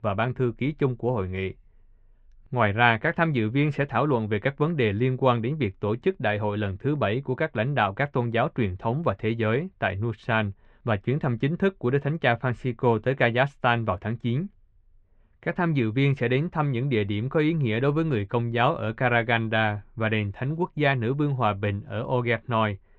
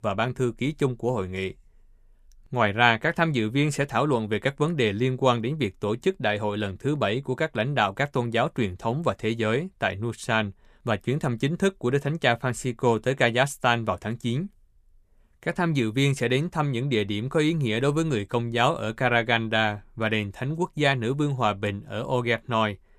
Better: second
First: muffled; very; fading above 3 kHz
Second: none

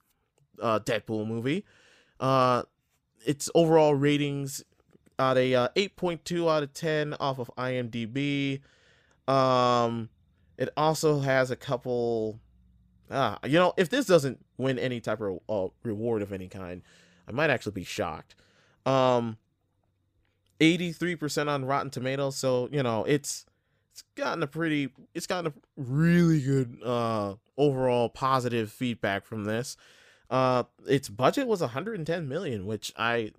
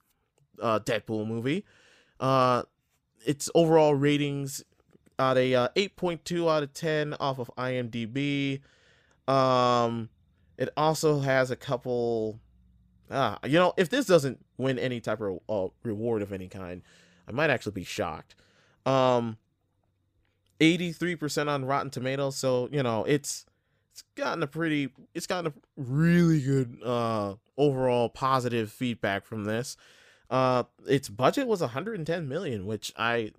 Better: neither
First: none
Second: none

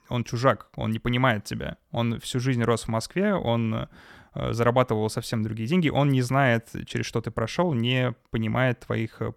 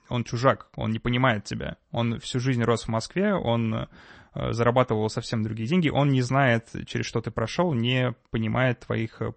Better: first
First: none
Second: garbled, watery; slightly; nothing above 8 kHz

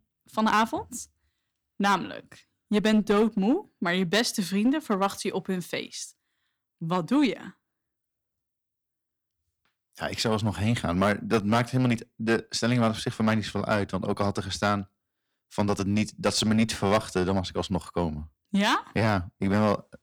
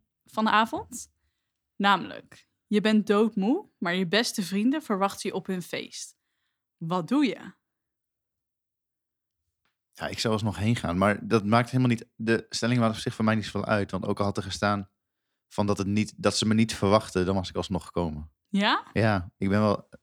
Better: second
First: distortion; slight; 4% of the sound clipped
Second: none

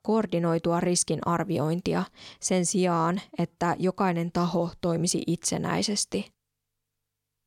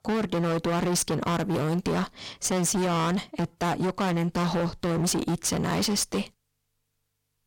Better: first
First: none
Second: distortion; heavy; 31% of the sound clipped

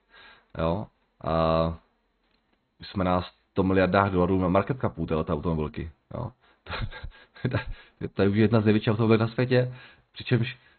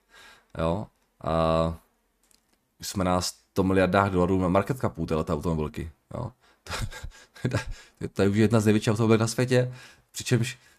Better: second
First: garbled, watery; badly; nothing above 4 kHz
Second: none

